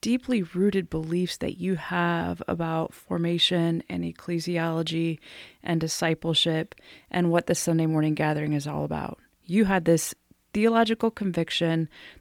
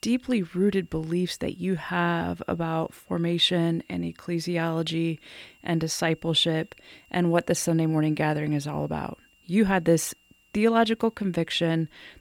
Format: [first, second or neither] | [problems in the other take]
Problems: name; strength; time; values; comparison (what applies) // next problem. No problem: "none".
first | high-pitched whine; faint; throughout; 3 kHz, 35 dB below the speech